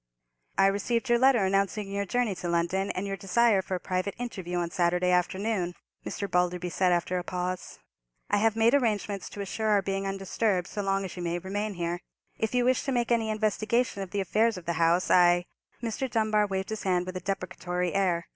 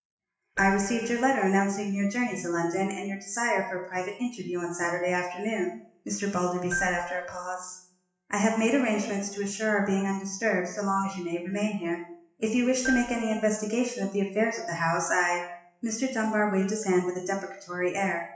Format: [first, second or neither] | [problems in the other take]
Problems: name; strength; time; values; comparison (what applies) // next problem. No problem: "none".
first | noise reduction (classical method WPE with log-MMSE)